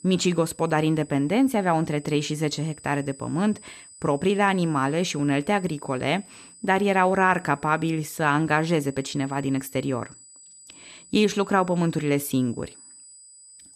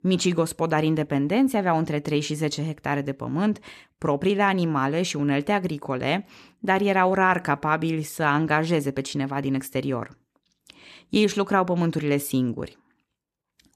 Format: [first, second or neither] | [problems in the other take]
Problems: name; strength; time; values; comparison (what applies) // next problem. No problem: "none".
second | high-pitched whine; faint; throughout; 8 kHz, 20 dB below the speech